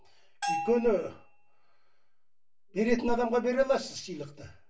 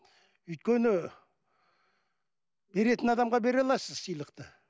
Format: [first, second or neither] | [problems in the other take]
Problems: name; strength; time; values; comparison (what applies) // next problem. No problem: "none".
second | background sound (Bell); 7 dB below the speech // room echo; dies away in 0.3 s